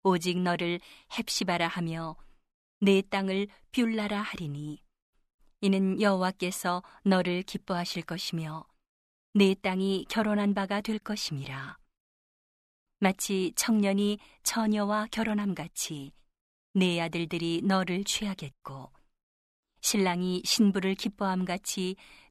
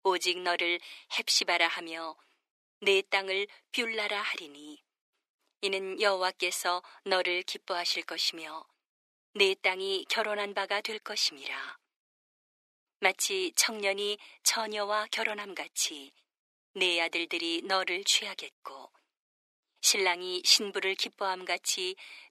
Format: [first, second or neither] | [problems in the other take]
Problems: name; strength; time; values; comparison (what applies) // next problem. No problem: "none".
first | thin; very; fading below 350 Hz